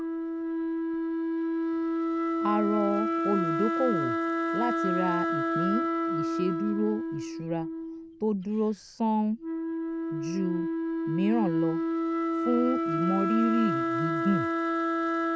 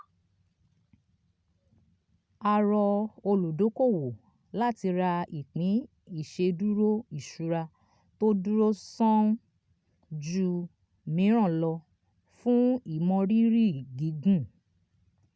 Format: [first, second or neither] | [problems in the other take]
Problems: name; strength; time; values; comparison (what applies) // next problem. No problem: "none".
second | background sound (Wind instrument, woodwind instrument); 2 dB above the speech